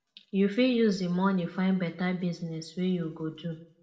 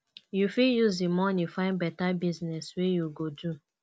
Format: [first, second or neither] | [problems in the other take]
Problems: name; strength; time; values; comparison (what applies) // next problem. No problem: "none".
second | room echo; dies away in 0.5 s